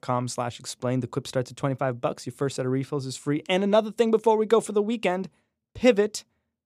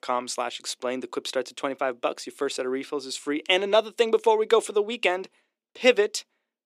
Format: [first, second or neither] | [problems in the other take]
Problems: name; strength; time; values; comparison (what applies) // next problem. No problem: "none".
first | thin; somewhat; fading below 300 Hz